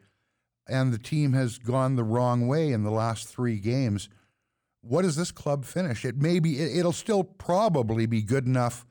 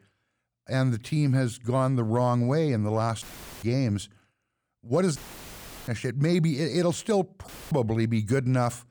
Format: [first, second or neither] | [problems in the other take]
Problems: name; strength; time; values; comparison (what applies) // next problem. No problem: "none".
first | audio cutting out; filled with static; at 3 s, at 5 s for 0.5 s and at 7.5 s